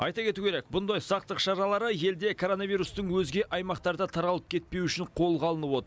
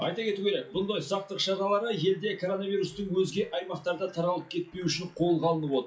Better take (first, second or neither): first